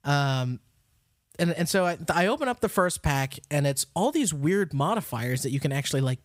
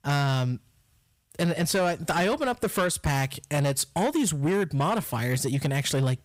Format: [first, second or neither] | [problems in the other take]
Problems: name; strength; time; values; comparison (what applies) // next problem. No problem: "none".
first | distortion; slight; 10 dB below the speech